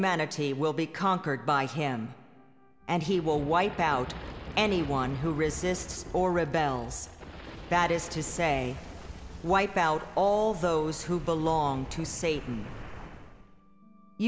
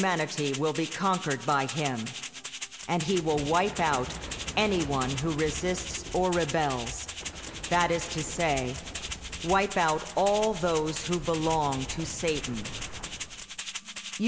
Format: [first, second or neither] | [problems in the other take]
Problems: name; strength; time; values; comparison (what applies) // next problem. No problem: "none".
first | background sound (Rattle (instrument)); 10 dB below the speech